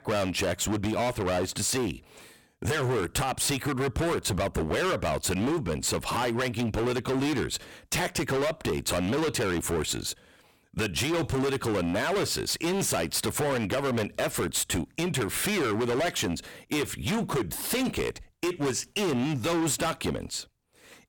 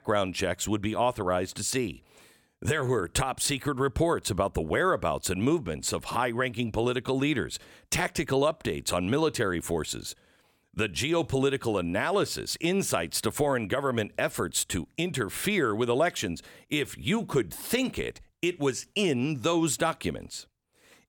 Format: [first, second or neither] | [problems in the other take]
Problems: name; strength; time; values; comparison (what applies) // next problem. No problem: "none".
second | distortion; heavy; 25% of the sound clipped